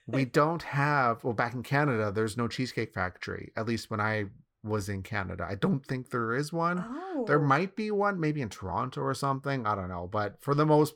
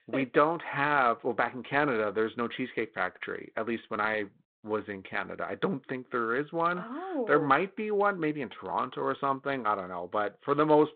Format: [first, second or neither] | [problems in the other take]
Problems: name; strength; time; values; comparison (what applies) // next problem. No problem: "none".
first | phone-call audio; nothing above 4 kHz